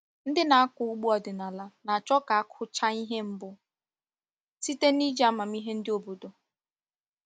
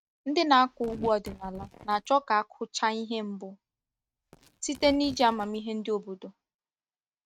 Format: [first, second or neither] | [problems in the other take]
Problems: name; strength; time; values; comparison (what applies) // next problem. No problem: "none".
first | noise reduction (neural mask model RNNoise)